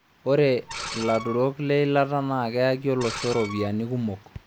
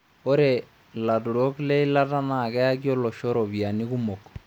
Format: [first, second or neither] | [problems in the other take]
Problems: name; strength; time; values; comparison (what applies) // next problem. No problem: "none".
second | background sound (Screech); 12 dB below the speech